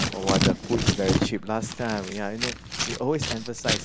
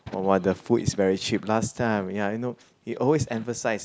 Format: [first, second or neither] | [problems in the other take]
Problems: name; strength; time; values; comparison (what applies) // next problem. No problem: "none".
second | background sound (Scissors); 1 dB above the speech